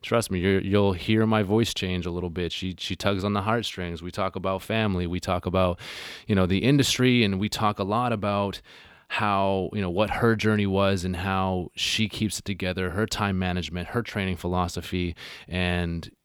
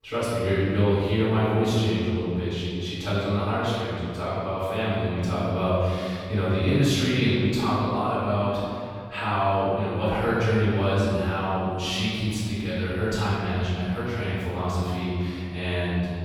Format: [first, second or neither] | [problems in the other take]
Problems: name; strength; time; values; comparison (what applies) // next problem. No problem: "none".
first | off-mic speech; far // room echo; strong; dies away in 2.3 s